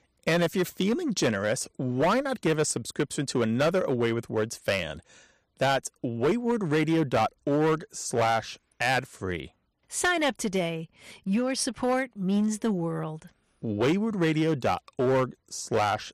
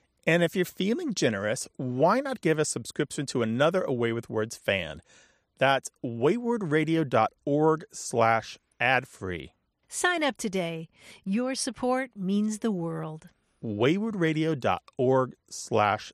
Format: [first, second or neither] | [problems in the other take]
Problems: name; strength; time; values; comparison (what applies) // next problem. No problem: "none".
second | distortion; slight; 7% of the sound clipped